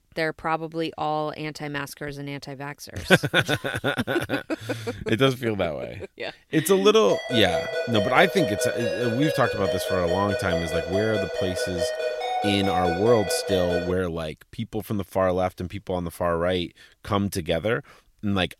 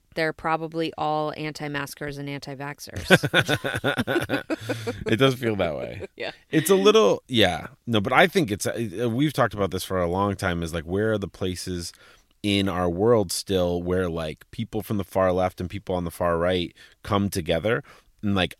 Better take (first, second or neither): second